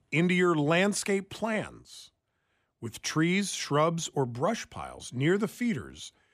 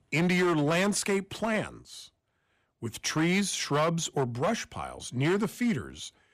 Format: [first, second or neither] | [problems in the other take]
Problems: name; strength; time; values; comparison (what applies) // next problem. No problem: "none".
first | distortion; slight; 9% of the sound clipped